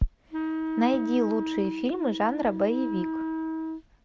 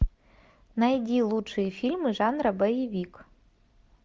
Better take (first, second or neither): second